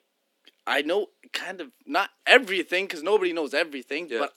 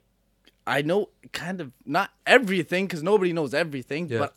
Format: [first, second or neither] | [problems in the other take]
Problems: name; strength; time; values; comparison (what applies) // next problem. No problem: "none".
second | thin; somewhat; fading below 250 Hz